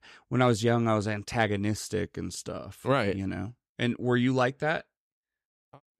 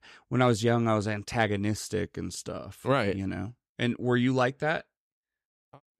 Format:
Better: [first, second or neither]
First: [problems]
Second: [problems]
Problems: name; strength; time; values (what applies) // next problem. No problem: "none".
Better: neither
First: none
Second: none